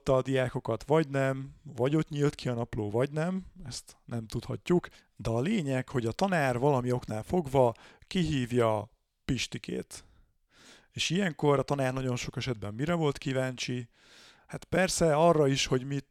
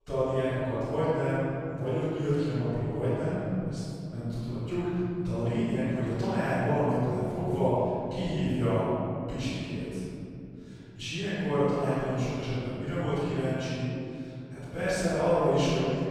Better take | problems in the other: first | off-mic speech; far // room echo; strong; dies away in 3 s

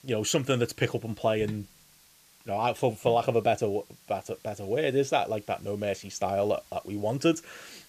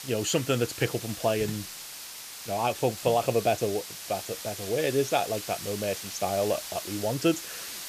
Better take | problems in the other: first | hiss; loud; throughout; 8 dB below the speech; faint in the first

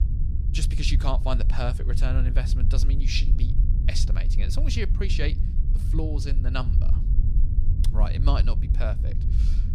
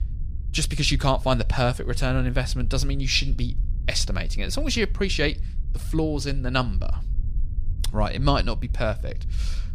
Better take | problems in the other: second | low rumble; loud; throughout; 9 dB below the speech; faint in the second

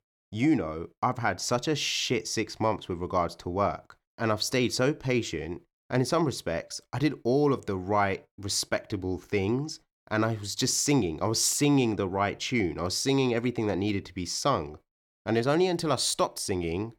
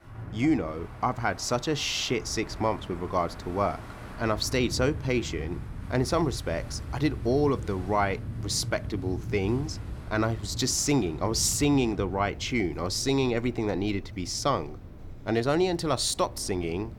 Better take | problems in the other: first | wind in the background; noticeable; throughout; 10 dB below the speech

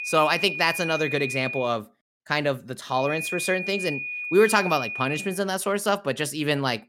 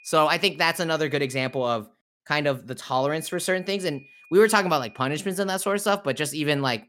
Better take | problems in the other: second | high-pitched whine; loud; until 1.5 s and from 3 to 5.5 s; 2.5 kHz, 5 dB below the speech; faint in the second

